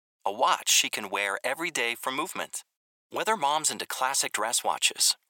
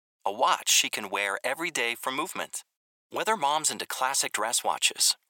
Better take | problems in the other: neither | thin; very; fading below 800 Hz; the same in both

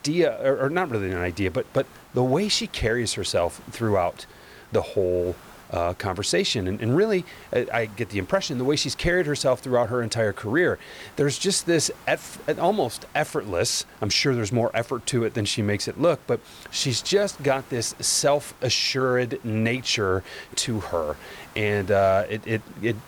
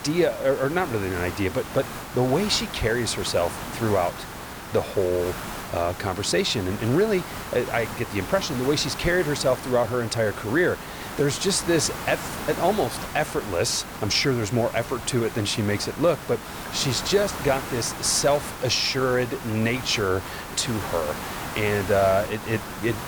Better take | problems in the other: first | hiss; loud; throughout; 9 dB below the speech; faint in the first

